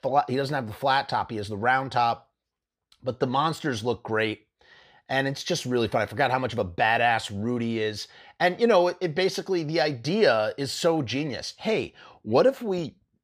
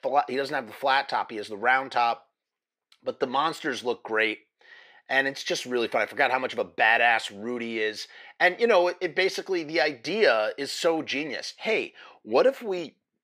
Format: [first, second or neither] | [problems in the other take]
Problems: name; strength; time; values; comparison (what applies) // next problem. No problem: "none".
first | thin; somewhat; fading below 350 Hz